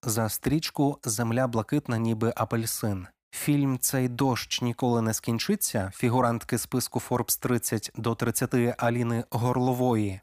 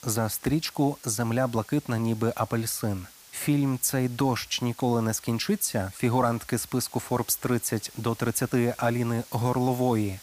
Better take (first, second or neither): first